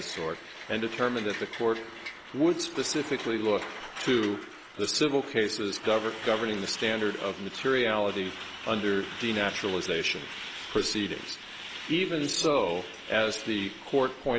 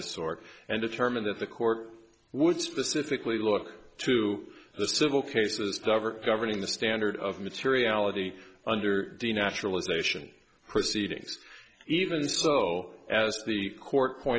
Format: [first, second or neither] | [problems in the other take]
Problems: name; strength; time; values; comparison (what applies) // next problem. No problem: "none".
second | background sound (Truck); 12 dB below the speech